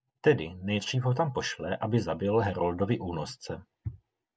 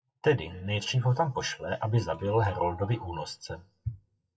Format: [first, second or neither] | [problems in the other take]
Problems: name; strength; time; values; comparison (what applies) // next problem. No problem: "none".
first | noise reduction (classical method WPE with log-MMSE)